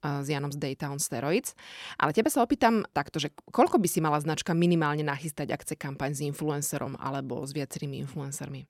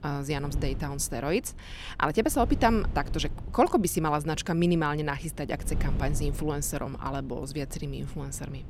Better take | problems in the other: first | wind noise on the microphone; occasional gusts; 20 dB below the speech

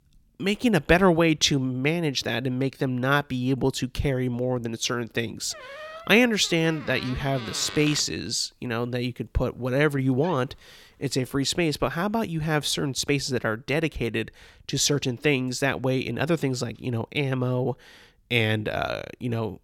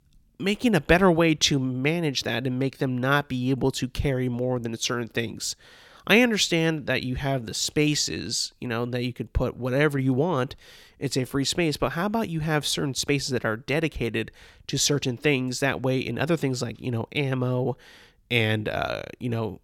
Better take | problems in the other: second | door banging; faint; from 5.5 to 10 s; peak 10 dB below the speech

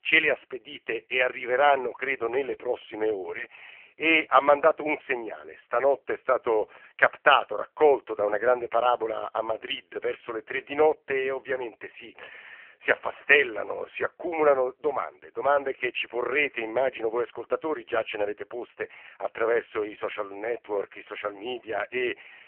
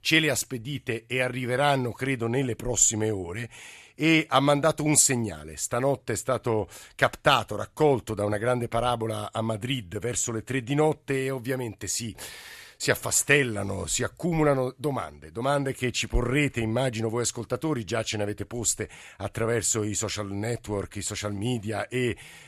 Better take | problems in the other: second | phone-call audio; poor line; nothing above 3 kHz

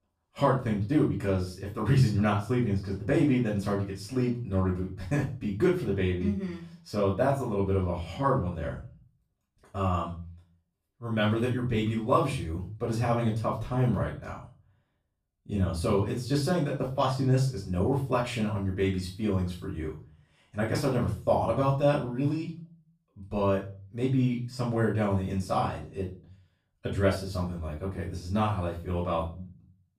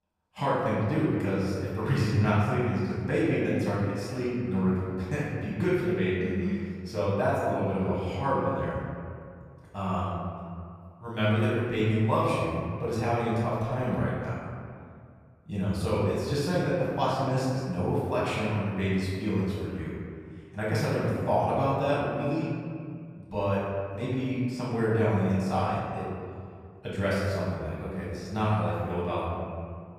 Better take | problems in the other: first | room echo; strong; dies away in 2 s; slight in the first // off-mic speech; far; far in the first

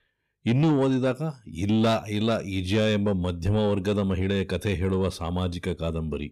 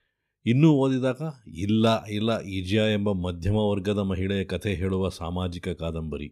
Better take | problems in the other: second | distortion; slight; 10 dB below the speech

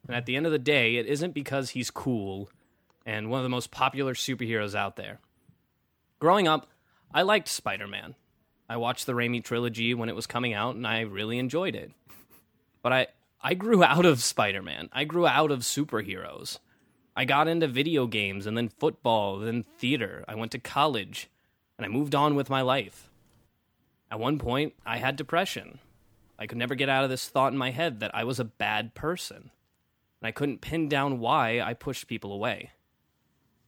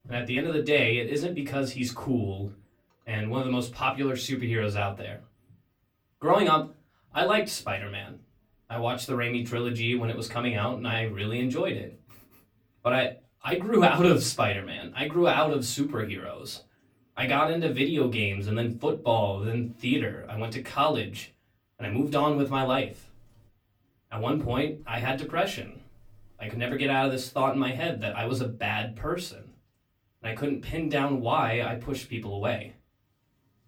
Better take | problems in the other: first | off-mic speech; far // room echo; very slight; dies away in 0.2 s

